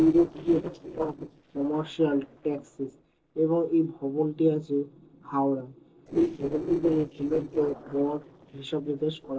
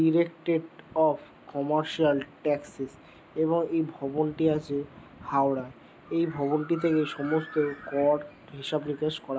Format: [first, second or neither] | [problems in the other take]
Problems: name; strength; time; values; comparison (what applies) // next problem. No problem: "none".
second | noise reduction (neural separator model SepFormer DNS4)